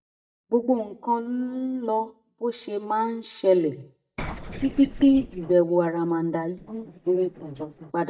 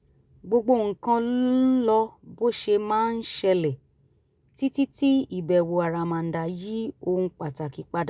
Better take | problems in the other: second | noise reduction (neural mask model DeepFilterNet 3)

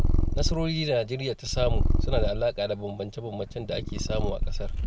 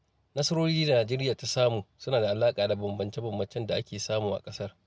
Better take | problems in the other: second | background sound (Purr); 4 dB above the speech

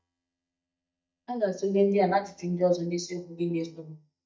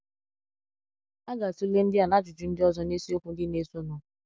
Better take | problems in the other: second | noise reduction (neural mask model DeepFilterNet 3)

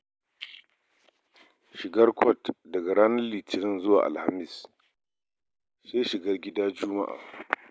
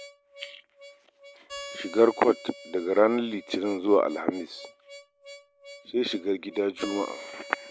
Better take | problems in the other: first | background sound (Harmonica); 17 dB below the speech

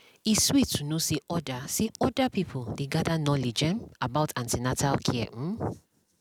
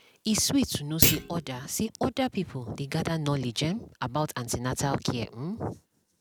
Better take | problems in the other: first | background sound (Thump, thud); as loud as the speech

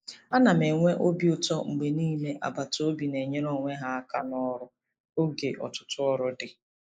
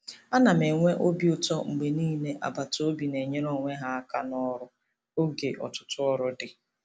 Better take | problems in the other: second | noise reduction (neural mask model Resemble Enhance denoiser)

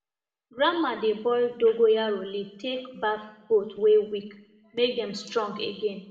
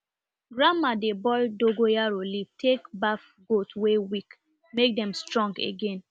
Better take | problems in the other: second | room echo; dies away in 0.7 s

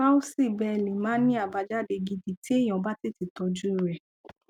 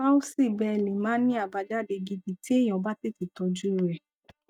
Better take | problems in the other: first | noise reduction (neural mask model DeepFilterNet 3)

